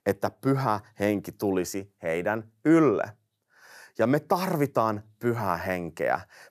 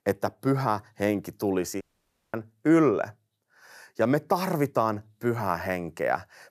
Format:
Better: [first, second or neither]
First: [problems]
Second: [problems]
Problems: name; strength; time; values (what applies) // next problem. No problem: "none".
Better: first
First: none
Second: audio cutting out; at 2 s for 0.5 s